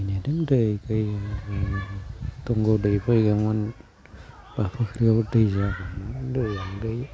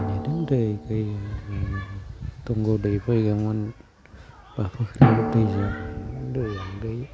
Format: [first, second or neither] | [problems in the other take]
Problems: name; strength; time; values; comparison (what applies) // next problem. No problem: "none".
first | background sound (Drum); 4 dB below the speech